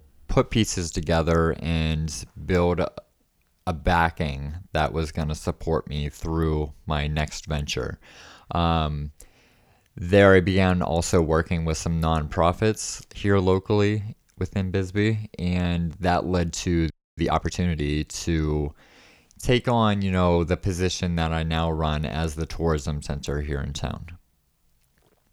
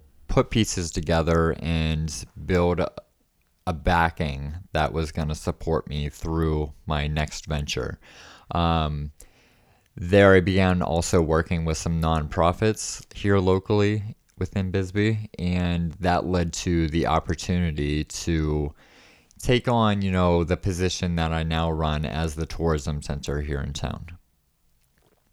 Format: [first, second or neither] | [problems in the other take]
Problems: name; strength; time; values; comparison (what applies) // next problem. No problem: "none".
second | audio freezing; at 17 s